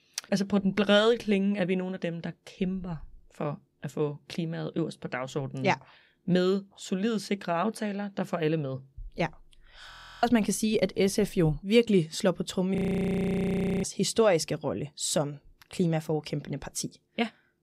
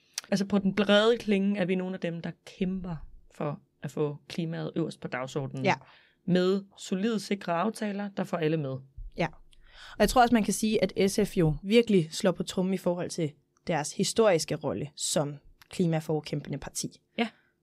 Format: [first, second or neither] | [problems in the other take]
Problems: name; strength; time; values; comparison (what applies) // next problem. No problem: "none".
second | audio freezing; at 10 s and at 13 s for 1 s